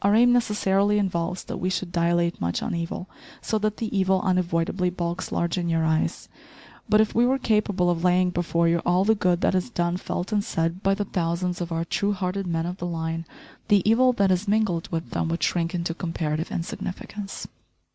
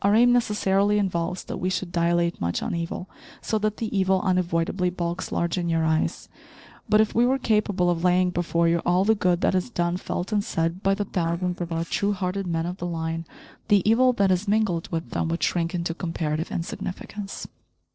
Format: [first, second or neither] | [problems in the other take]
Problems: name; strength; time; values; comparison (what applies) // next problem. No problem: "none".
first | noise reduction (neural separator model SepFormer DNS4)